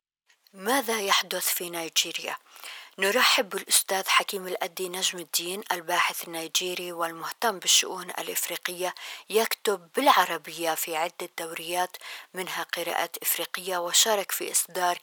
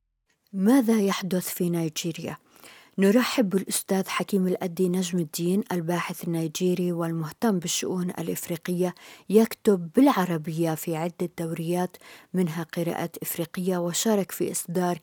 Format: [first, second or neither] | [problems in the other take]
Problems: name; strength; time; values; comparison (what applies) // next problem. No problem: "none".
second | thin; very; fading below 850 Hz